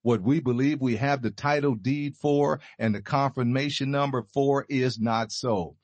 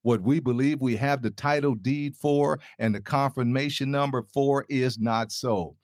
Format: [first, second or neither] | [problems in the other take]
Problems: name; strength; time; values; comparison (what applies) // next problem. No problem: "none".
second | garbled, watery; slightly; nothing above 8 kHz